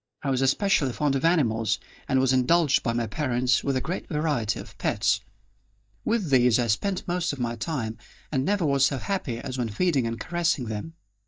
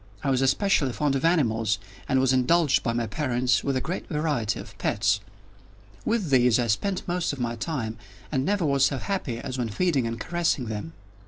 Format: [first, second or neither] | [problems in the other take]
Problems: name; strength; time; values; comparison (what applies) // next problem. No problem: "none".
second | noise reduction (neural mask model DeepFilterNet 3)